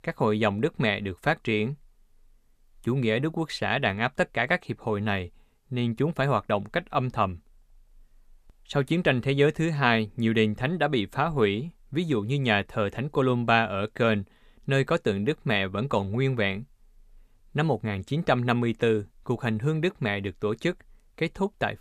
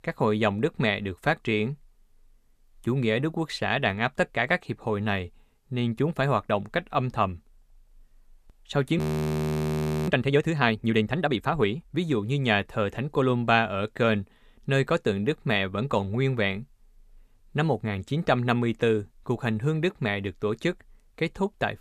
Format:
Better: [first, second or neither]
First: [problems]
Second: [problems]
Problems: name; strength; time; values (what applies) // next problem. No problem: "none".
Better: first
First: none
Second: audio freezing; at 9 s for 1 s